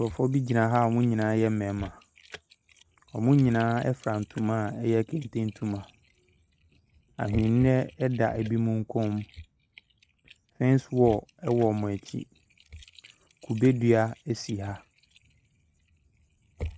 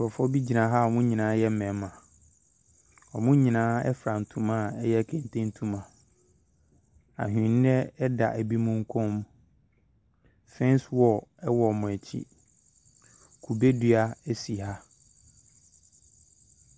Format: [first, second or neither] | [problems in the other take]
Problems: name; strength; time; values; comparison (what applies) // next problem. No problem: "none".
second | noise reduction (neural mask model RNNoise)